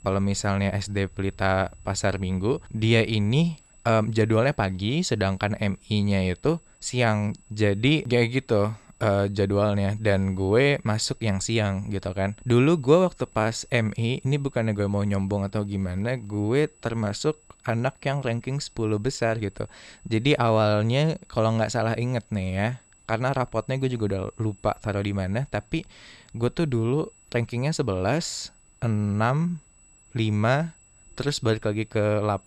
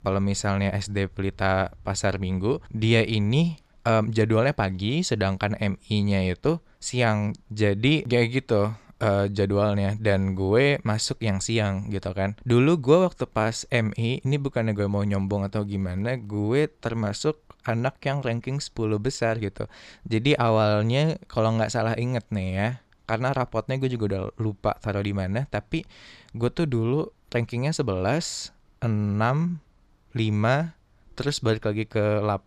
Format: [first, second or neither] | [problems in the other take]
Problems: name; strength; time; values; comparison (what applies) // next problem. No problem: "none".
second | high-pitched whine; faint; throughout; 8 kHz, 30 dB below the speech